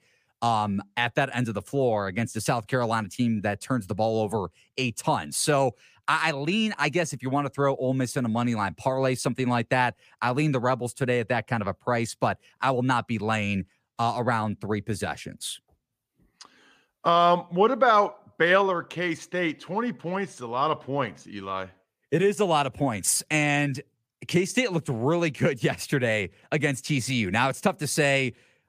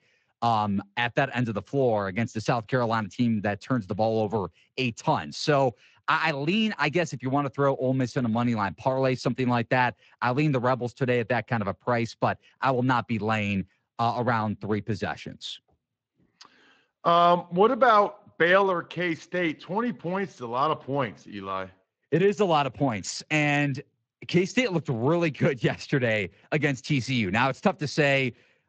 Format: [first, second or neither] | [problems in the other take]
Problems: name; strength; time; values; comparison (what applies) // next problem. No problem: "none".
first | garbled, watery; slightly; nothing above 7.5 kHz